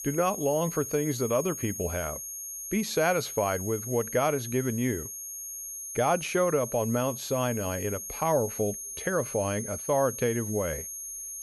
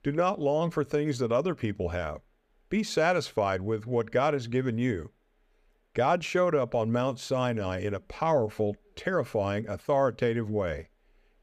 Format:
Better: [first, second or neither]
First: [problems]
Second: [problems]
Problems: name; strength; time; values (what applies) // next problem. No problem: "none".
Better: second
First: high-pitched whine; loud; throughout; 6.5 kHz, 7 dB below the speech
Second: none